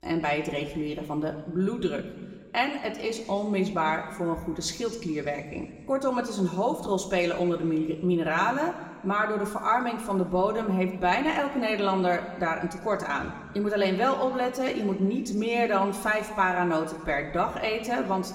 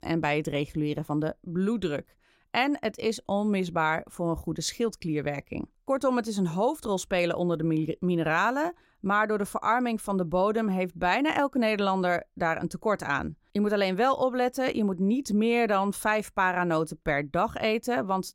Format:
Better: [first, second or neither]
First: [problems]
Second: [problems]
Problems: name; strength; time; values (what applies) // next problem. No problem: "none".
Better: second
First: room echo; slight; dies away in 1.9 s // off-mic speech; somewhat distant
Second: none